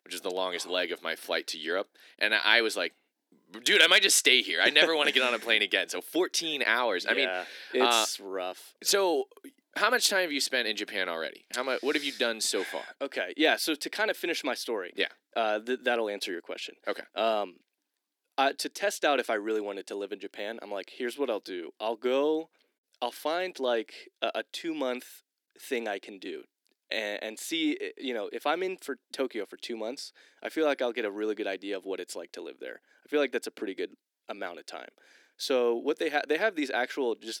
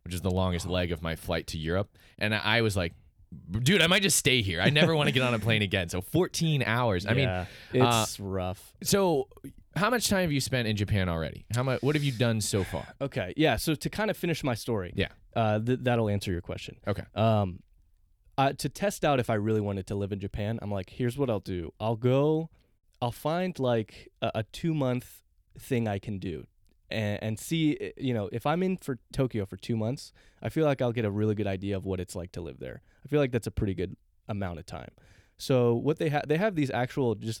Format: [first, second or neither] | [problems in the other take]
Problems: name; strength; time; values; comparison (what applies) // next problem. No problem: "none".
second | thin; somewhat; fading below 300 Hz